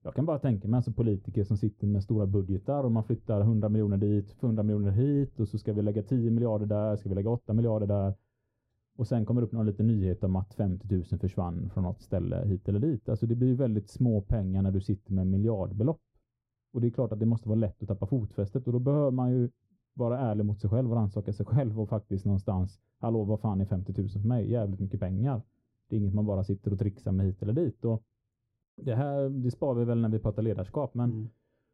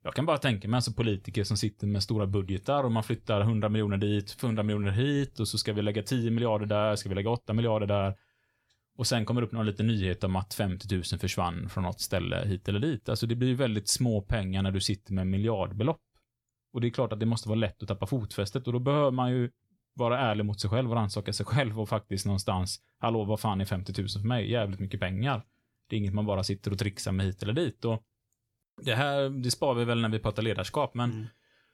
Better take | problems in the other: second | muffled; very; fading above 1 kHz

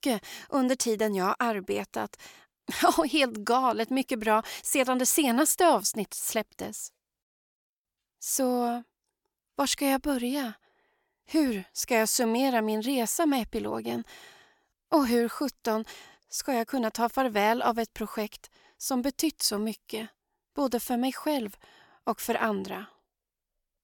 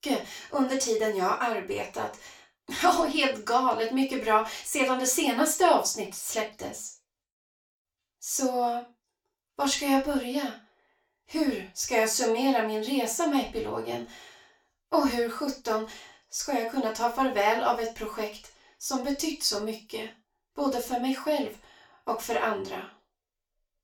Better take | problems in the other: first | room echo; slight; dies away in 0.3 s // off-mic speech; far

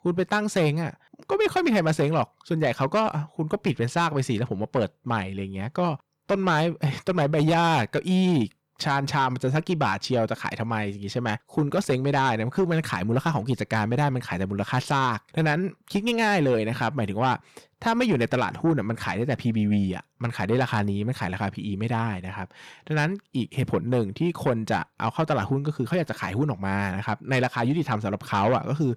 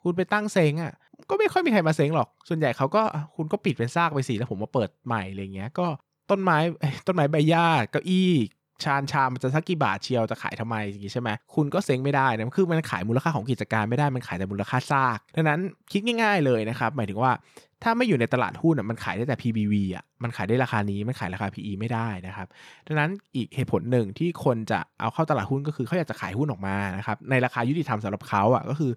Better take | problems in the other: second | distortion; slight; 10 dB below the speech

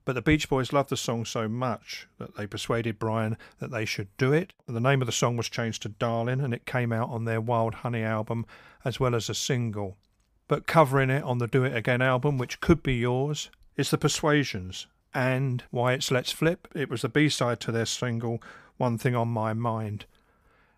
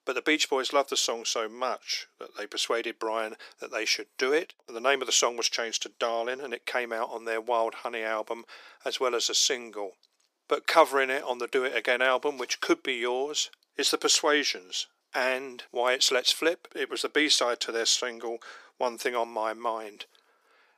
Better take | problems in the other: first | thin; very; fading below 350 Hz

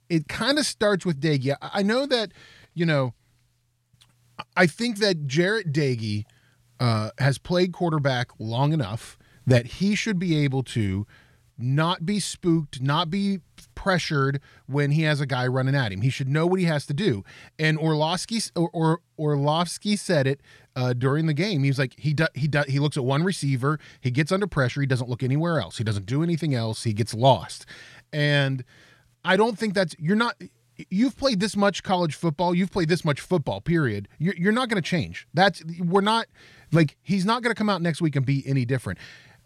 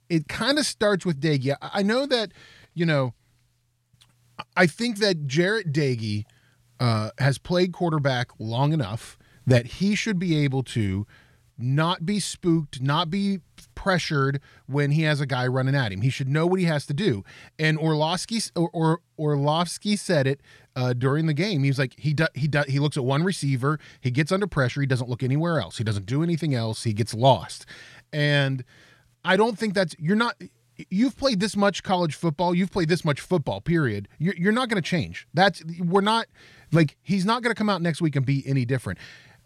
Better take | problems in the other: neither | none

